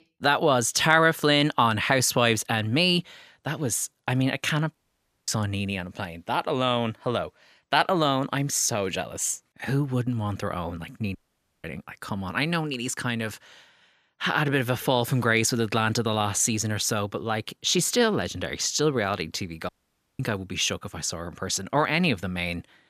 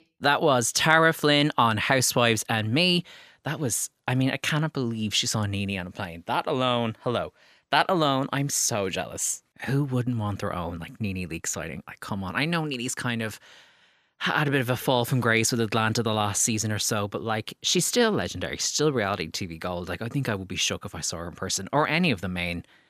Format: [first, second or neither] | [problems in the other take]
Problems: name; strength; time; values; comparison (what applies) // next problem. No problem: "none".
second | audio cutting out; at 5 s for 0.5 s, at 11 s and at 20 s for 0.5 s